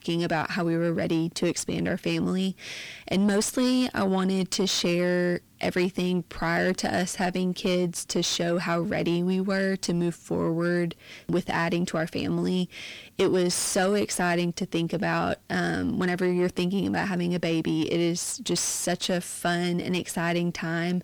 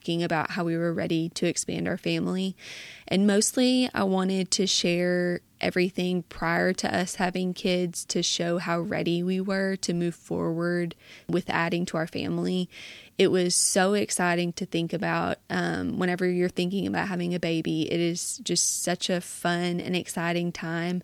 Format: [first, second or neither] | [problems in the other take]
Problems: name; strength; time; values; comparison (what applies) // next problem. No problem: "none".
second | distortion; slight; 10 dB below the speech